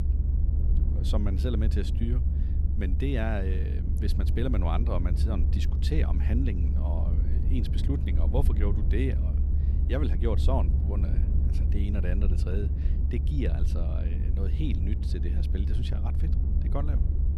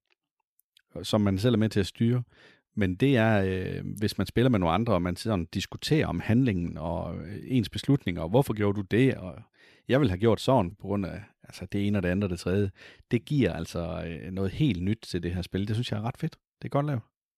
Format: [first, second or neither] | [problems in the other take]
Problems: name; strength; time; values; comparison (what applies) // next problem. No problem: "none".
second | low rumble; loud; throughout; 6 dB below the speech